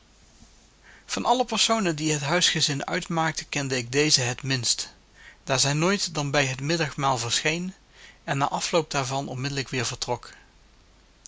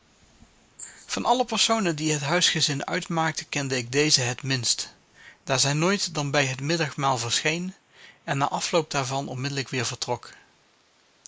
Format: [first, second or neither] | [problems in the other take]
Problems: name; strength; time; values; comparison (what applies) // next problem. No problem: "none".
first | noise reduction (neural mask model Resemble Enhance denoiser)